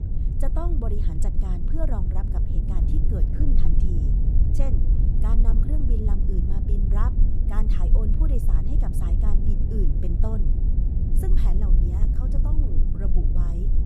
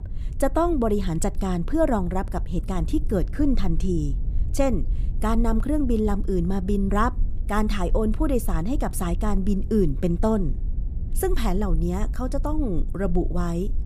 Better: second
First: low rumble; loud; throughout; 1 dB below the speech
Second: low rumble; faint; throughout; 20 dB below the speech

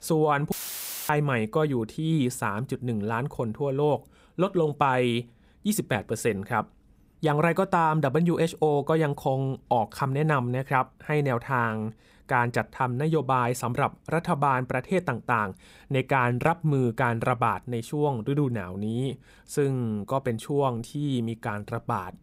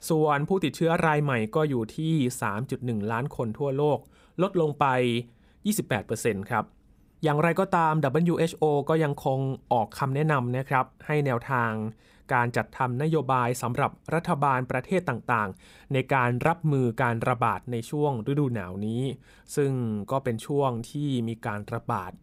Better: second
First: audio cutting out; filled with static; at 0.5 s for 0.5 s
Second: none

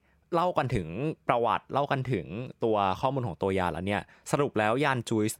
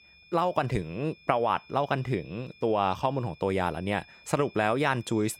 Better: first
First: none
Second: high-pitched whine; faint; throughout; 2.5 kHz, 25 dB below the speech

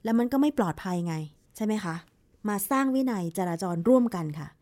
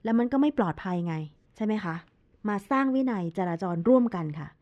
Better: first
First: none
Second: muffled; slightly; fading above 2.5 kHz

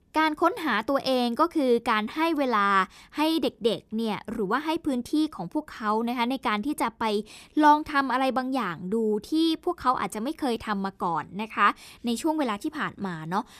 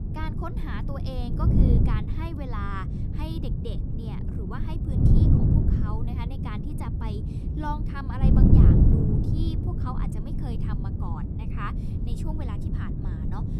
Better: first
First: none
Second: wind noise on the microphone; heavy; 3 dB above the speech

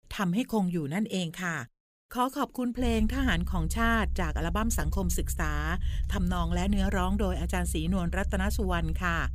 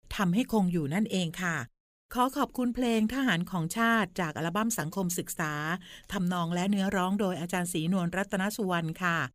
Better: second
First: low rumble; faint; from 3 s on; 20 dB below the speech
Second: none

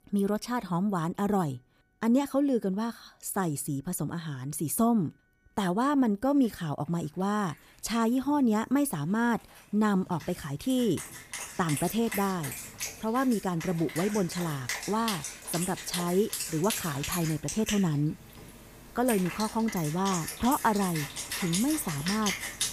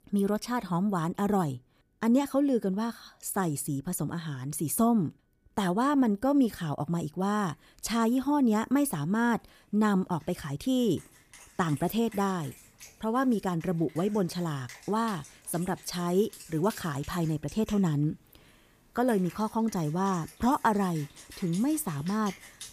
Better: second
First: background music; loud; throughout; 6 dB below the speech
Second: background music; faint; throughout; 20 dB below the speech

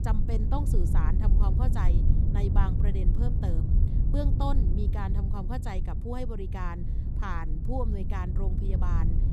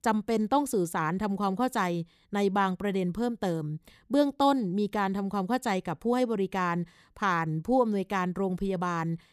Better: second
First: low rumble; loud; throughout; 5 dB below the speech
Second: none

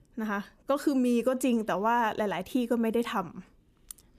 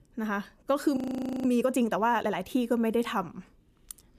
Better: first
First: none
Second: audio freezing; at 1 s

